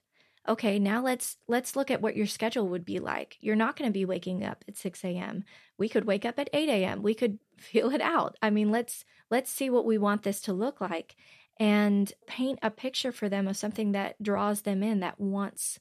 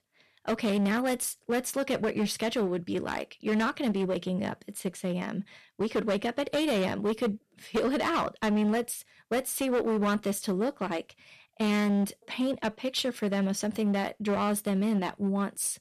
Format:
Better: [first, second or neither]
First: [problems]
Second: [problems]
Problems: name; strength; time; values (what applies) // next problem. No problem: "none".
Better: first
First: none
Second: distortion; slight; 13% of the sound clipped